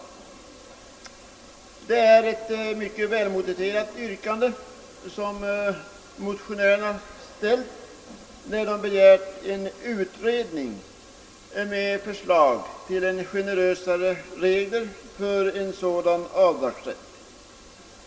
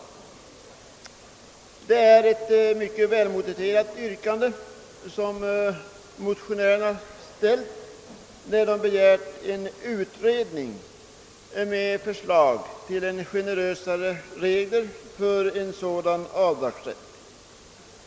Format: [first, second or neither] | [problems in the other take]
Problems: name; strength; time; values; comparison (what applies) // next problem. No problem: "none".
second | room echo; dies away in 0.2 s